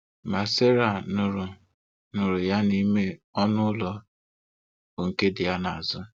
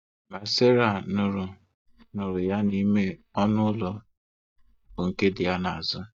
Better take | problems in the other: first | noise reduction (neural mask model DeepFilterNet 3)

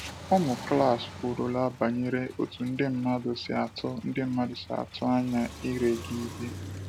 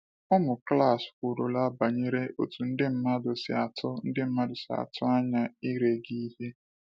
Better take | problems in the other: second | background sound (Car); 14 dB below the speech

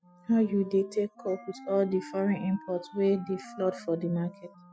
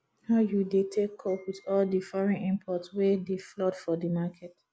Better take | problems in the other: second | noise reduction (classical method spectral subtraction)

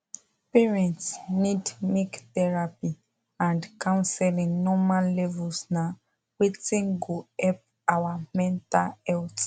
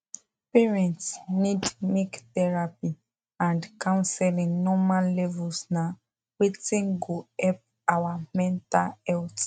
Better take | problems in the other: first | noise reduction (neural mask model RNNoise)

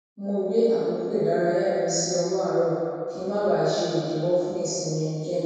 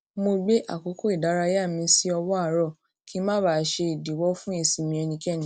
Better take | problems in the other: second | room echo; dies away in 2.2 s

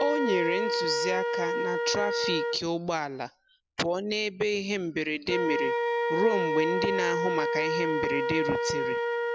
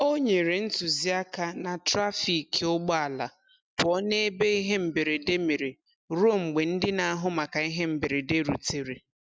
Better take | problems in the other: second | background sound (Wind instrument, woodwind instrument); 1 dB above the speech

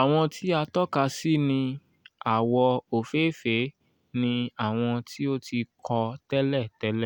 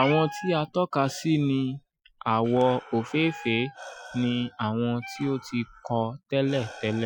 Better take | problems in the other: first | noise reduction (classical method Wiener filter)

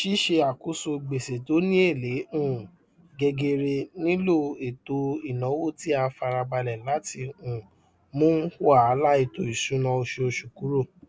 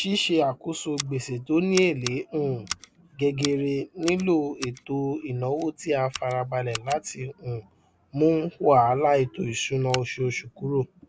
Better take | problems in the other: first | background sound (Scissors); 16 dB below the speech

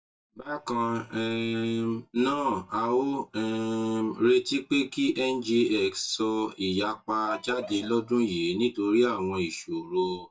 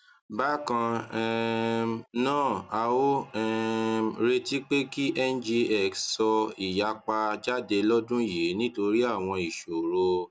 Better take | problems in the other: second | noise reduction (neural mask model DeepFilterNet 3)

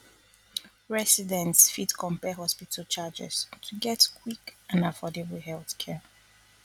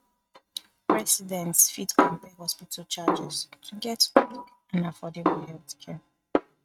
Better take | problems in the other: first | noise reduction (neural mask model RNNoise)

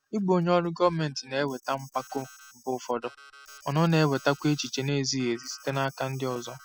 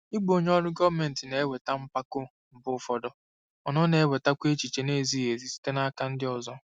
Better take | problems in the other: second | noise reduction (classical method spectral subtraction)

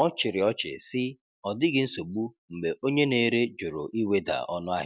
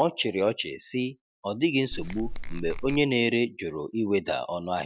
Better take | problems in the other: first | background sound (Squeak / Tools); 4 dB below the speech

